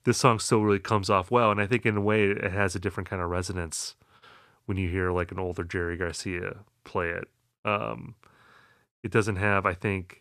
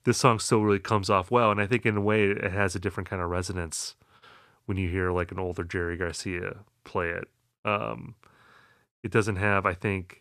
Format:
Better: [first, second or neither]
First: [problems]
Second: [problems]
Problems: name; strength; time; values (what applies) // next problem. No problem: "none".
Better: neither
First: none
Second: none